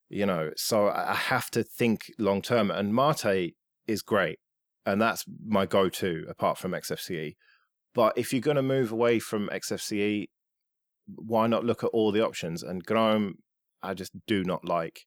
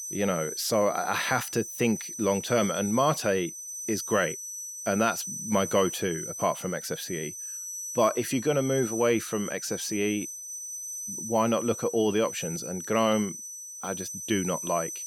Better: first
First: none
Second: high-pitched whine; loud; throughout; 6 kHz, 7 dB below the speech

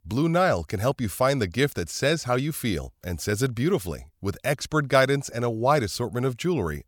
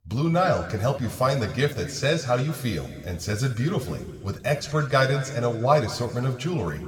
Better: first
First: none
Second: room echo; slight; dies away in 2.1 s // off-mic speech; somewhat distant

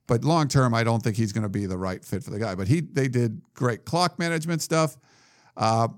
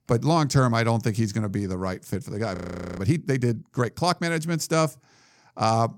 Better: first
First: none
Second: audio freezing; at 2.5 s

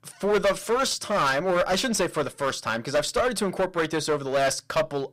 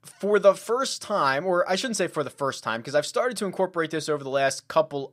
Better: second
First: distortion; heavy; 13% of the sound clipped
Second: none

